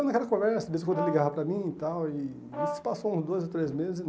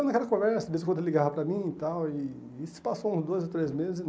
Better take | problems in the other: second | background sound (Brass instrument); 7 dB below the speech

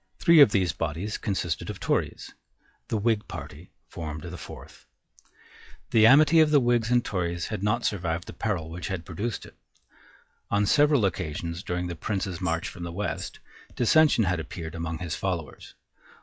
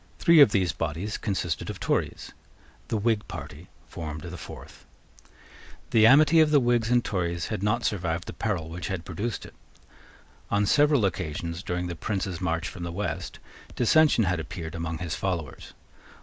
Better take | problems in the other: second | noise reduction (classical method log-MMSE)

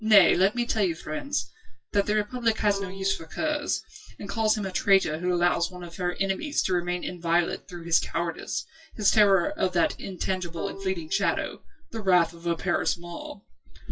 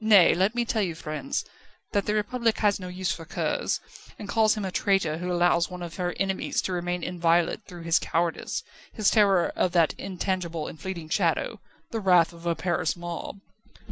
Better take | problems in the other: second | noise reduction (classical method WPE with log-MMSE)

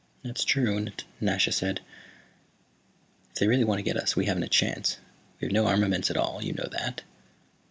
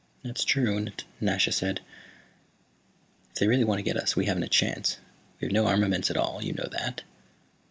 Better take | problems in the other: first | noise reduction (neural mask model Resemble Enhance denoiser)

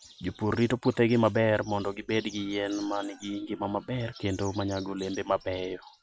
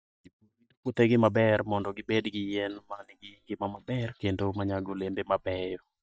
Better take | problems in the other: first | noise reduction (neural mask model DeepFilterNet 3)

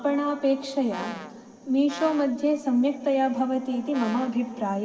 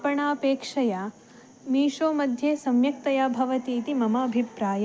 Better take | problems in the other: second | background sound (Brass instrument); 15 dB below the speech // room echo; dies away in 2.2 s

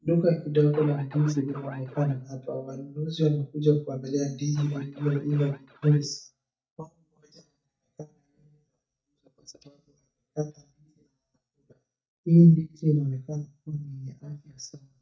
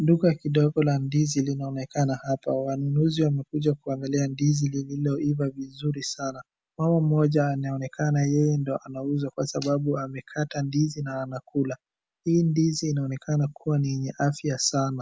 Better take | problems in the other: second | noise reduction (neural mask model DeepFilterNet 3)

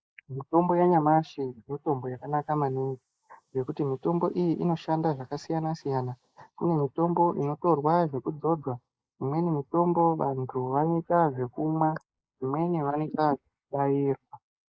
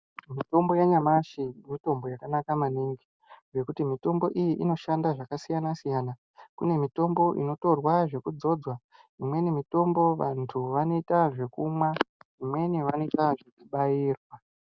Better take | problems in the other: second | noise reduction (neural mask model Resemble Enhance denoiser)

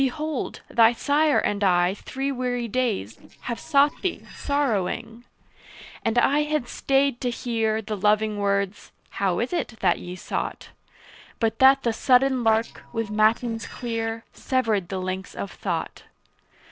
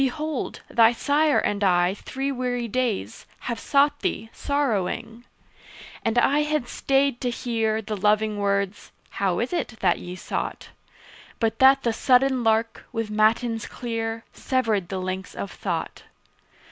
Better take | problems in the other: second | noise reduction (neural separator model SepFormer DNS4)

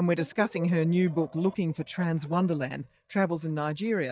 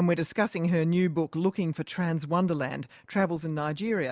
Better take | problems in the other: second | noise reduction (neural mask model DeepFilterNet 3)

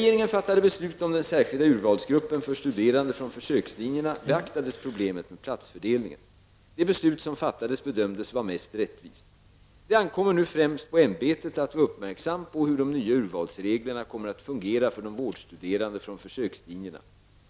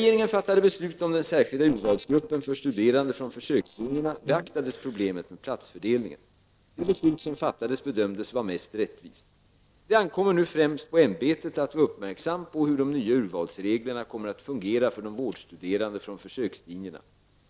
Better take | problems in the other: first | noise reduction (neural separator model SepFormer DNS4)

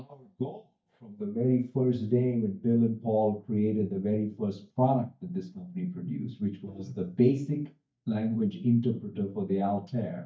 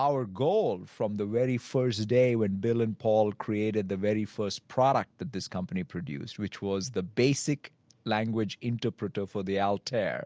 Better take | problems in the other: second | noise reduction (neural mask model DeepFilterNet 3)

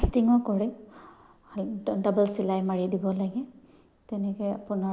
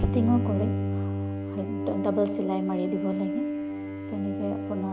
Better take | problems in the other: first | background sound (Bowed string instrument); as loud as the speech

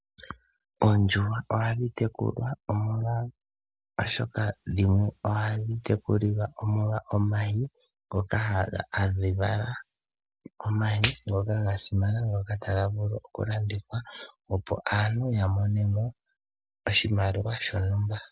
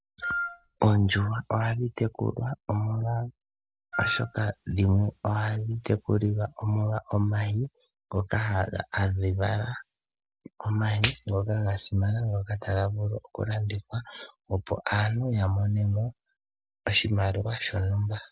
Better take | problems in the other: first | background sound (Wind instrument, woodwind instrument); 5 dB below the speech

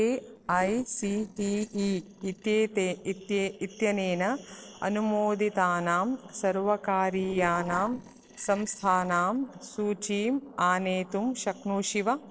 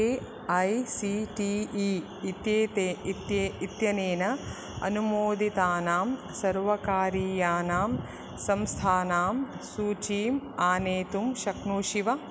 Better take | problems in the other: second | noise reduction (neural separator model SepFormer DNS4)

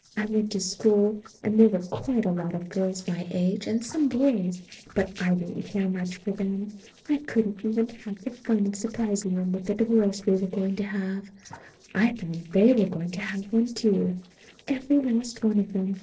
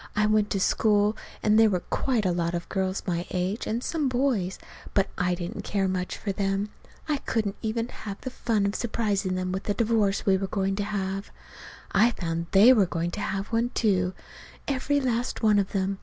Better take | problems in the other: second | noise reduction (neural separator model SepFormer DNS4)

